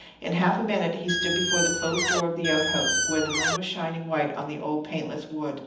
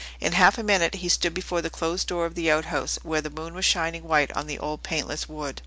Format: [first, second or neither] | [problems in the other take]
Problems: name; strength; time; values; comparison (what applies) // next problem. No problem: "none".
second | background sound (Squeak); 2 dB above the speech // room echo; dies away in 0.8 s